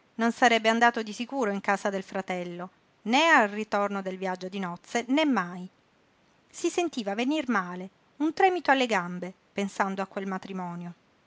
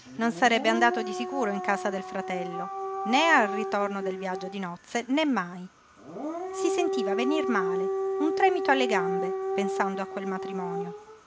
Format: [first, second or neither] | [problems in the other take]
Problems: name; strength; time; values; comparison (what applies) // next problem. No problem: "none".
first | background sound (Siren / Dog); 3 dB below the speech